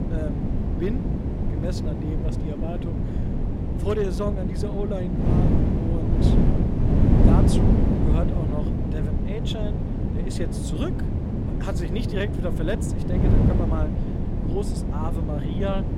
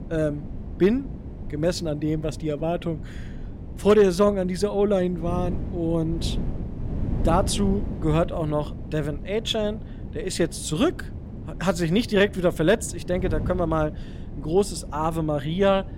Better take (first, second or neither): second